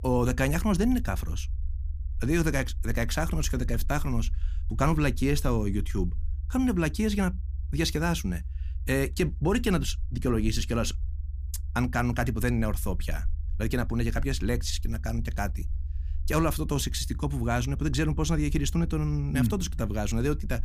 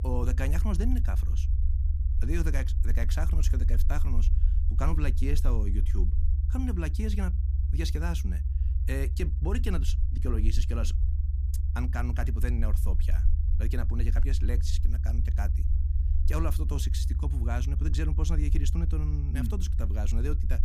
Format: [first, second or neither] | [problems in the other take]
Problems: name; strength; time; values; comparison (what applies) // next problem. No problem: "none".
first | low rumble; loud; throughout; 8 dB below the speech; faint in the first